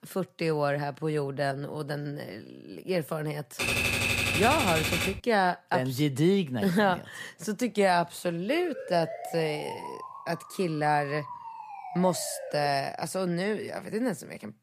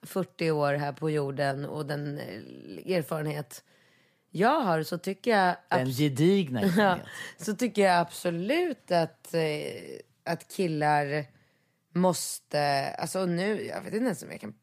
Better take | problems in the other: second | keyboard typing; loud; from 3.5 to 5 s; peak 4 dB above the speech // siren; noticeable; from 8.5 to 13 s; peak 10 dB below the speech

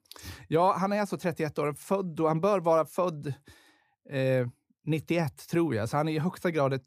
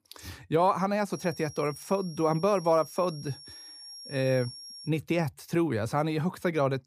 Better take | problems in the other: first | high-pitched whine; noticeable; from 1 to 5 s; 5.5 kHz, 15 dB below the speech

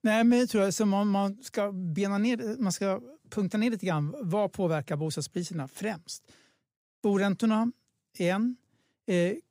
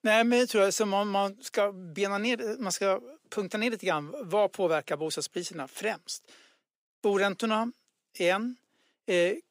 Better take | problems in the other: first | thin; somewhat; fading below 400 Hz

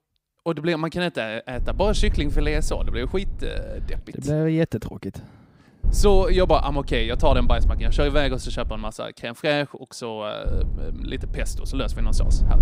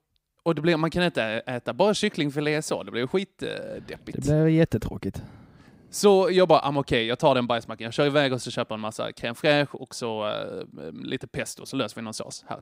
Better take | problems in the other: second | low rumble; noticeable; from 1.5 to 4 s, from 6 to 9 s and from 10 s on; 20 dB below the speech

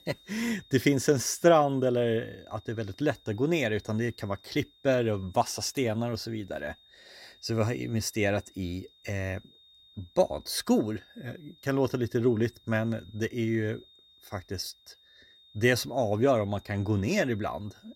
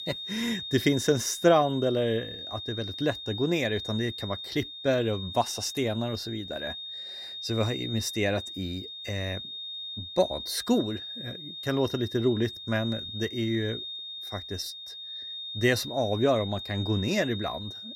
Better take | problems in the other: first | high-pitched whine; loud; throughout; 3.5 kHz, 8 dB below the speech; faint in the first

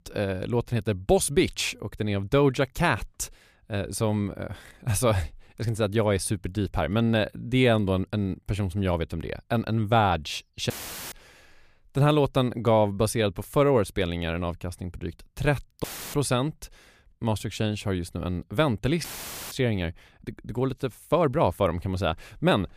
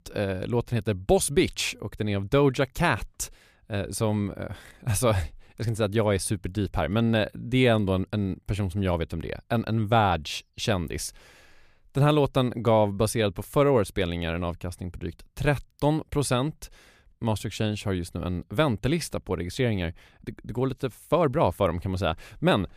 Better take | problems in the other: second | audio cutting out; filled with static; at 11 s, at 16 s and at 19 s

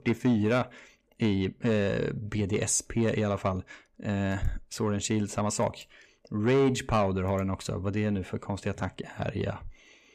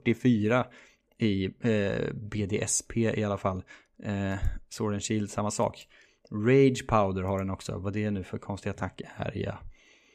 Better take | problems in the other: second | distortion; slight; 10 dB below the speech

